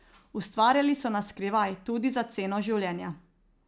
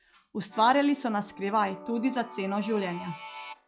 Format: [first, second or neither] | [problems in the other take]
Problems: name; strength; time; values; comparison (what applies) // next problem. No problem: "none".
first | noise reduction (classical method log-MMSE)